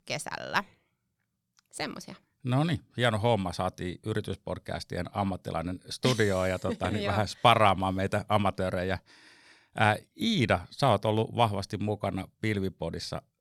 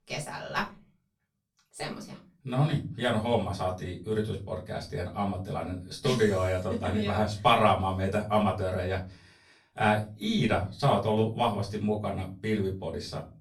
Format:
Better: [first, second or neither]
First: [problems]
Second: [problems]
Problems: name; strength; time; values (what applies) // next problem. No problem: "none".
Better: first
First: none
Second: off-mic speech; far // room echo; slight; dies away in 0.3 s